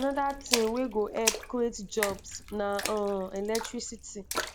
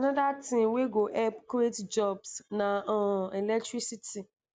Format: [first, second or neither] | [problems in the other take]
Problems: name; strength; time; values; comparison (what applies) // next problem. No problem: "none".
second | background sound (Splash, splatter); 5 dB below the speech